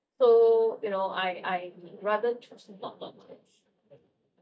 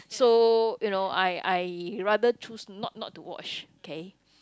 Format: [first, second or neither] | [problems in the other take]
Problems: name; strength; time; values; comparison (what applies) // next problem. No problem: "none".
second | noise reduction (neural mask model DeepFilterNet 3)